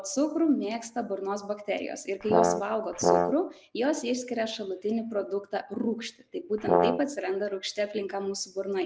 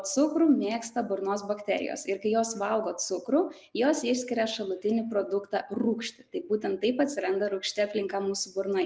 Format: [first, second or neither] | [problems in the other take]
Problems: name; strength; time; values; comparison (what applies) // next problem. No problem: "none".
second | background sound (Brass instrument); 4 dB above the speech